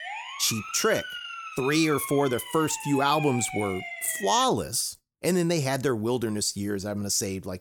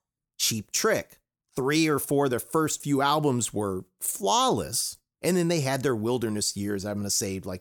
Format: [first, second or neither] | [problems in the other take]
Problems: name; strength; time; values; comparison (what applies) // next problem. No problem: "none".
second | siren; noticeable; until 4.5 s; peak 7 dB below the speech